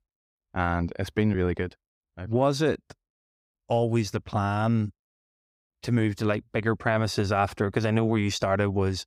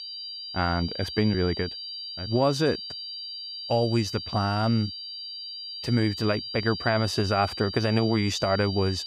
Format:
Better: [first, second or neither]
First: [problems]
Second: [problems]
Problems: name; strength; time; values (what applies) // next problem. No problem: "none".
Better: first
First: none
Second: high-pitched whine; loud; throughout; 4.5 kHz, 8 dB below the speech